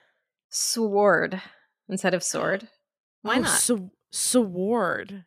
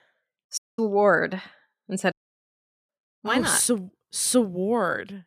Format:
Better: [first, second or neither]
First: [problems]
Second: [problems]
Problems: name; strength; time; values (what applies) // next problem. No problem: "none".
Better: first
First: none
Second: audio cutting out; at 0.5 s and at 2 s for 1 s